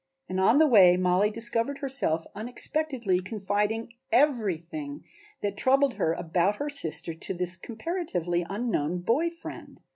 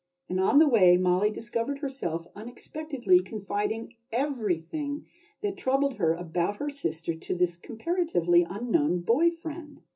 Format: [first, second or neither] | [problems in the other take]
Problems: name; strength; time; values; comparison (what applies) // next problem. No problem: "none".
first | room echo; dies away in 0.2 s